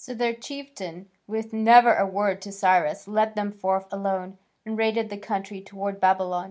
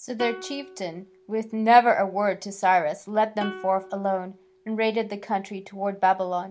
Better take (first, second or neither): first